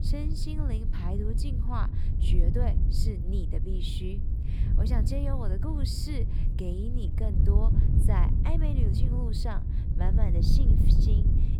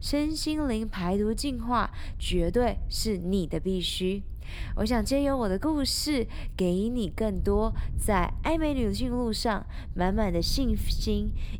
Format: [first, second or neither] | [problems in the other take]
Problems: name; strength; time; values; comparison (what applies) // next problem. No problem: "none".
second | wind noise on the microphone; heavy; 2 dB below the speech; occasional gusts in the second